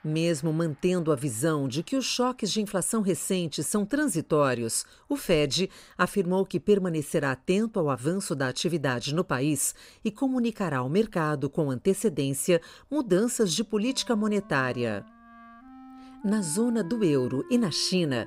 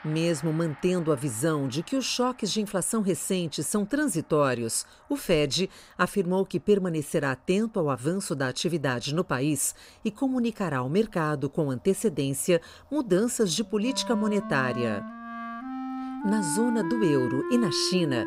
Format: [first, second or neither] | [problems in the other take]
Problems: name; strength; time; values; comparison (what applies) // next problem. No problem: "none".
first | background music; loud; throughout; 8 dB below the speech; faint in the first